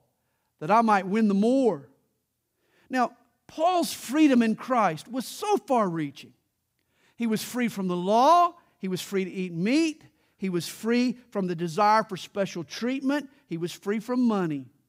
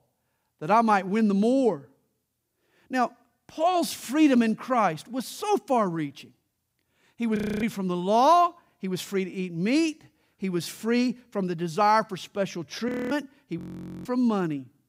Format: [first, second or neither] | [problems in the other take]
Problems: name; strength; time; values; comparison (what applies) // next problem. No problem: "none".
first | audio freezing; at 7.5 s, at 13 s and at 14 s